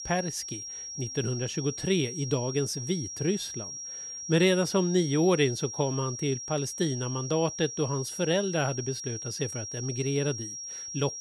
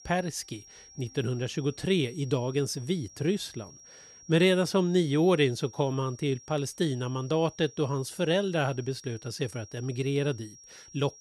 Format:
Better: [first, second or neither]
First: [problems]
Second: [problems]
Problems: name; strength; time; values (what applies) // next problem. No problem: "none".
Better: second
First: high-pitched whine; loud; throughout; 5.5 kHz, 7 dB below the speech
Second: high-pitched whine; faint; throughout; 5.5 kHz, 20 dB below the speech